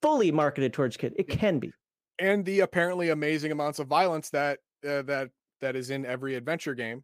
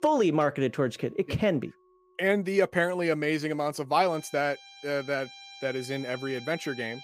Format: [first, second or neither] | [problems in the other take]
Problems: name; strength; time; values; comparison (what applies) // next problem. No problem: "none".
first | background music; noticeable; throughout; 15 dB below the speech